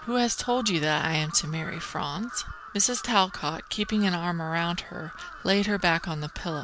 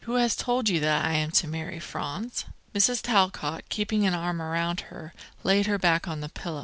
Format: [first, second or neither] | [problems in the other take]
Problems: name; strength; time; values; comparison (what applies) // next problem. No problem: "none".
second | background sound (Crow); 16 dB below the speech